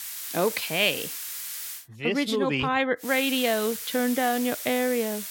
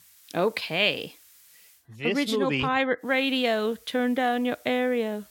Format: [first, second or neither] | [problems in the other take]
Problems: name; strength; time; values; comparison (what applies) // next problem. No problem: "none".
second | hiss; loud; until 2 s and from 3 s on; 7 dB below the speech; faint in the second